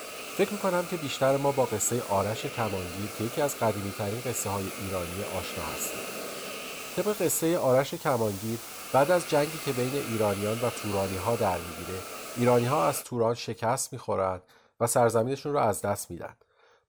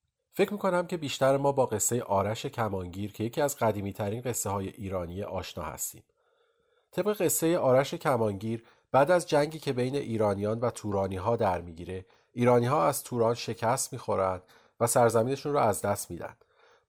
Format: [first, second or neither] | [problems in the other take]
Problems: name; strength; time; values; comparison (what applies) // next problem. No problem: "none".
second | hiss; loud; until 13 s; 9 dB below the speech